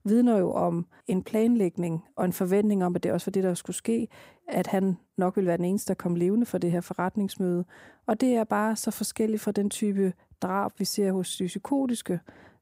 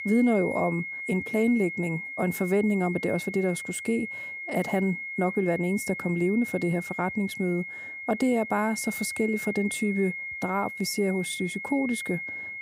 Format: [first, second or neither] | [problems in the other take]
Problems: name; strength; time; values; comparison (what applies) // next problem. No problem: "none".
first | high-pitched whine; loud; throughout; 2 kHz, 6 dB below the speech